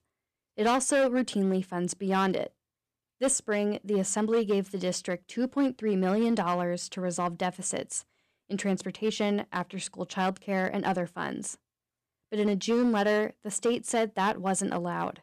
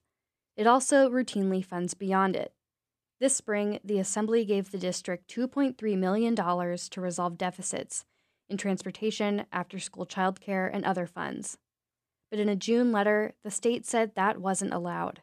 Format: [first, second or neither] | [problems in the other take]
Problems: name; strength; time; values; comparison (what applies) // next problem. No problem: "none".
second | distortion; slight; 4% of the sound clipped